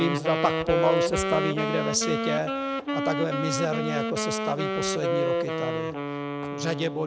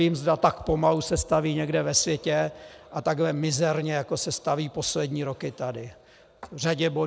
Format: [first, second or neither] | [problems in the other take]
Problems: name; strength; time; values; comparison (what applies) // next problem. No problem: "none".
second | background sound (Wind instrument, woodwind instrument); 1 dB above the speech